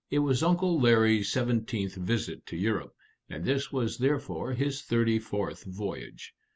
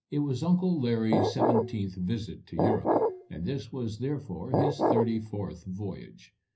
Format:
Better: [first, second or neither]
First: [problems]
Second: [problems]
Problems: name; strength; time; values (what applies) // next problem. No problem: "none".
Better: first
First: none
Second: background sound (Glass); 3 dB above the speech // room echo; dies away in 0.4 s